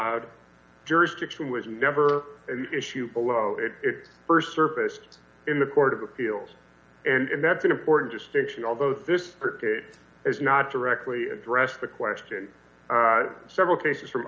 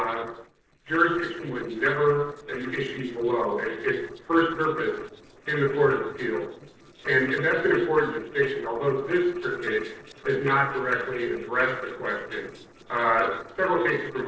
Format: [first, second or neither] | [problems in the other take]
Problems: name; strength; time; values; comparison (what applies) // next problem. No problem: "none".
first | noise reduction (neural separator model SepFormer DNS4)